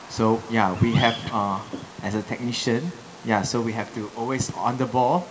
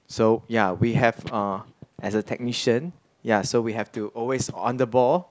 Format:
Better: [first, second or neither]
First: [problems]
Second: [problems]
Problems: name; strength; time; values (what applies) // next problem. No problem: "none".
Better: second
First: background sound (Bird vocalization, bird call, bird song); 15 dB below the speech // room echo; dies away in 1.4 s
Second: none